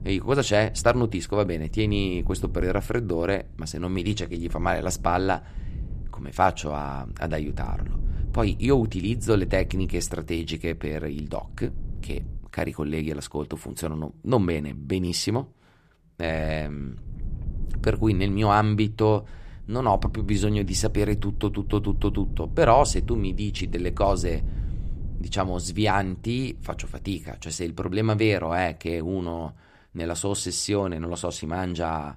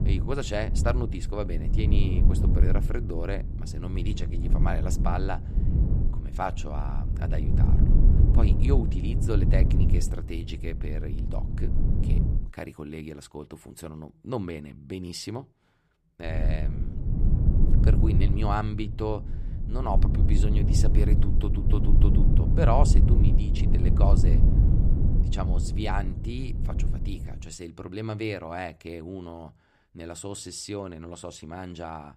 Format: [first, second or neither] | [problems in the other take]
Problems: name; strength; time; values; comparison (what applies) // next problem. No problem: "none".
first | low rumble; loud; until 12 s and from 16 to 27 s; 4 dB below the speech; faint in the first